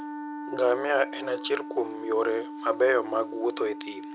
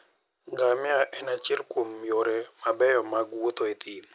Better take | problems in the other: second | background sound (Wind instrument, woodwind instrument); 10 dB below the speech

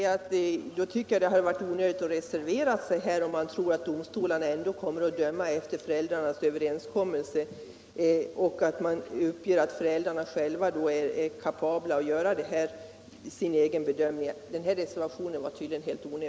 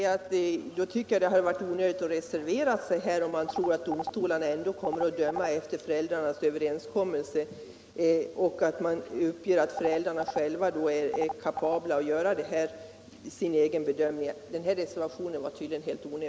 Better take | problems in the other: first | background sound (Telephone); 10 dB below the speech

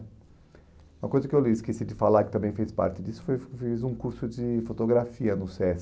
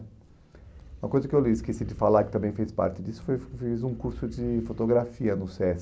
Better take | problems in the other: first | background sound (Animal); 17 dB below the speech

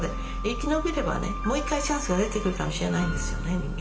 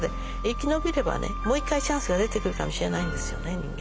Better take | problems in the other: second | room echo; dies away in 1.9 s

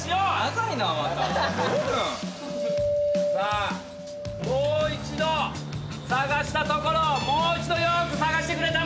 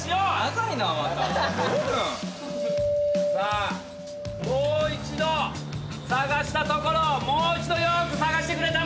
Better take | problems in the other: second | background sound (Guitar); 15 dB below the speech

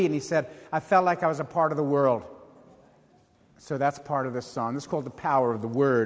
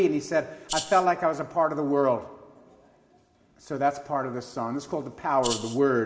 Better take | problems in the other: first | background sound (Rattle (instrument)); 7 dB below the speech // room echo; dies away in 0.8 s

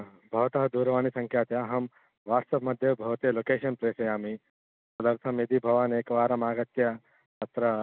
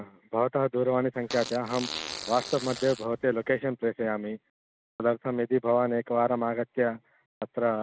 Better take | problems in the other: first | background sound (Fart); 11 dB below the speech

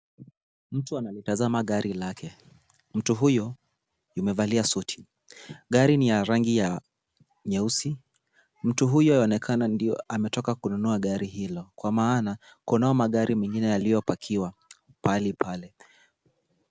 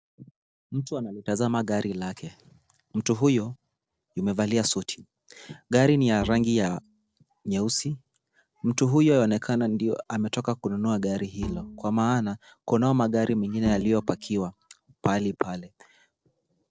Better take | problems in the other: first | noise reduction (neural separator model SepFormer DNS4)

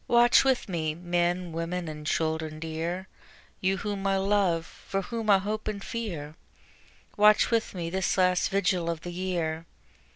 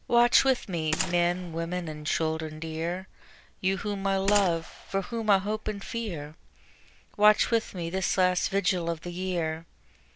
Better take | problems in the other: first | background sound (Gunshot, gunfire); 11 dB below the speech

